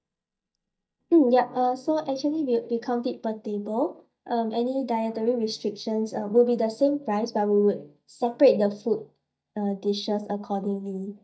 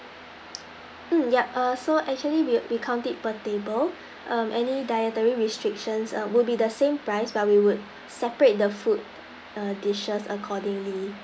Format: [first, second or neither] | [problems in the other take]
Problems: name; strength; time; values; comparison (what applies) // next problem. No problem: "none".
second | noise reduction (neural mask model DeepFilterNet 3)